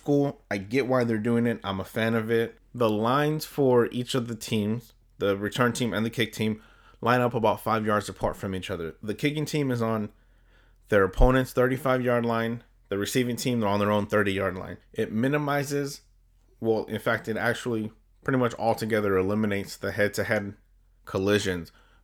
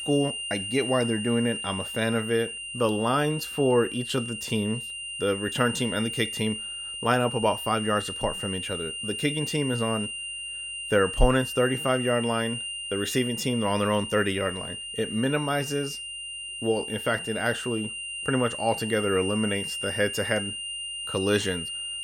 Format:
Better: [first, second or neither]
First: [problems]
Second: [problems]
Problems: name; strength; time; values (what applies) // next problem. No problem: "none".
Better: first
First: none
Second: high-pitched whine; loud; throughout; 3 kHz, 5 dB below the speech